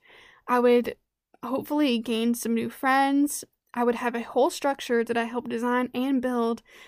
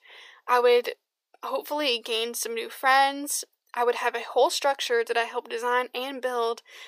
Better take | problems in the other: first | thin; very; fading below 450 Hz

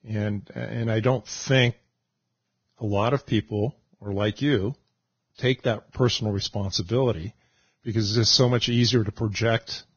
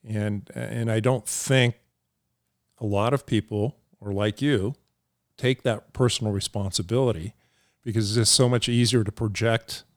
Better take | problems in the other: second | garbled, watery; badly; nothing above 6.5 kHz

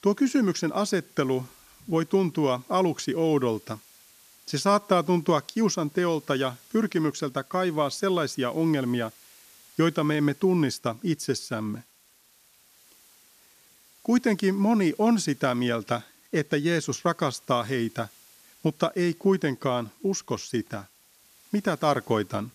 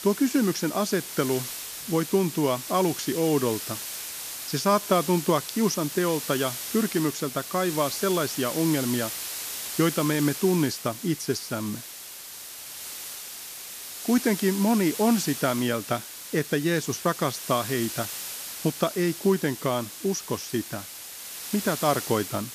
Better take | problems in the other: first | hiss; loud; throughout; 8 dB below the speech; faint in the first

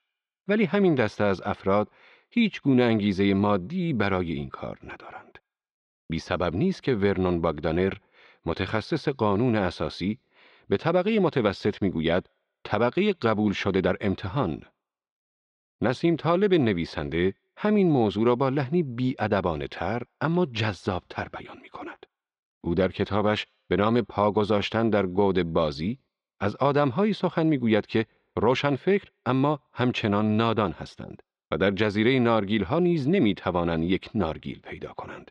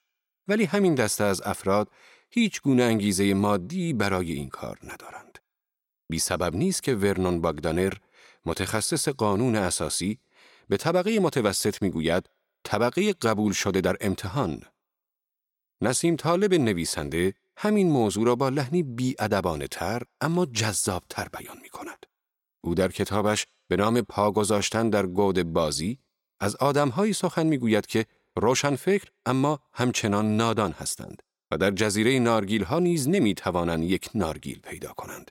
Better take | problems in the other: second | muffled; slightly; fading above 3.5 kHz

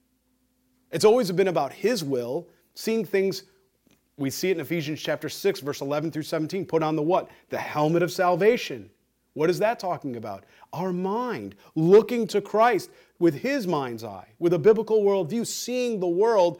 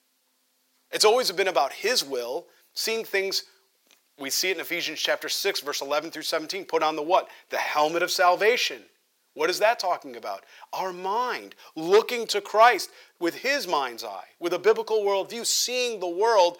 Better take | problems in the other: first | thin; very; fading below 700 Hz

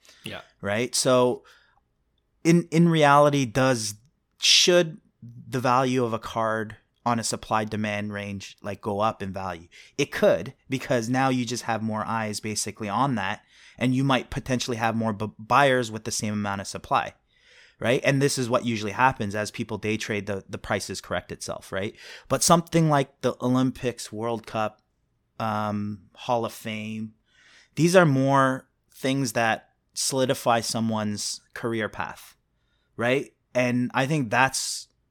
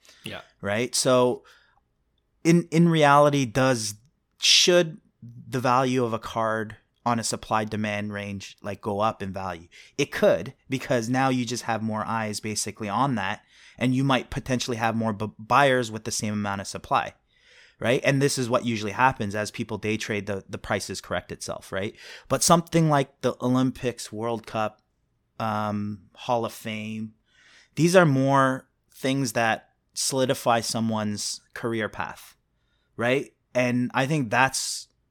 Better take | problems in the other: neither | none

